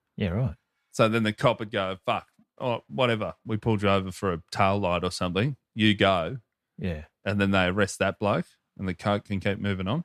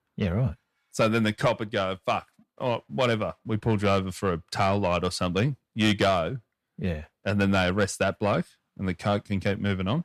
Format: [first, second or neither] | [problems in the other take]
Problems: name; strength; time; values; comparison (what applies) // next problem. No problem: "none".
first | distortion; slight; 10 dB below the speech